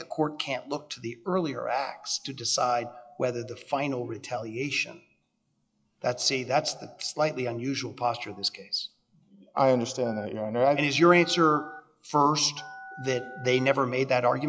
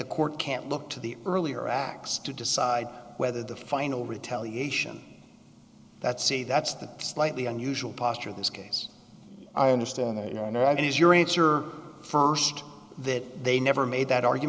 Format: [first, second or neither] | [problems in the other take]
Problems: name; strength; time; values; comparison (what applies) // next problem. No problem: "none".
second | noise reduction (classical method log-MMSE)